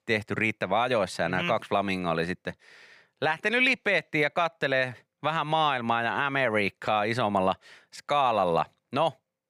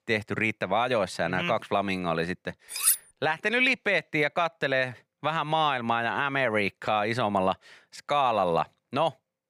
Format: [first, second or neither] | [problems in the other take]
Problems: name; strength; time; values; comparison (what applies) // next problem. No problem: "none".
first | clattering dishes; loud; at 2.5 s; peak 3 dB above the speech